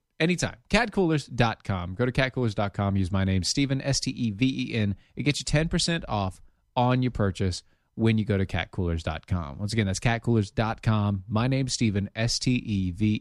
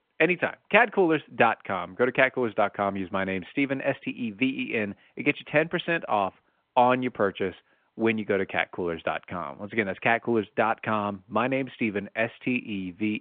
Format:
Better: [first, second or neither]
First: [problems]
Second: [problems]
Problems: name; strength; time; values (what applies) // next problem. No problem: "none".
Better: first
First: none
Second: phone-call audio